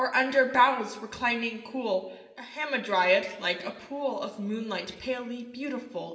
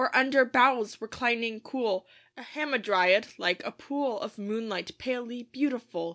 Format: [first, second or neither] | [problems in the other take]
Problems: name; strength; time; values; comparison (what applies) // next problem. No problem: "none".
second | room echo; dies away in 1.7 s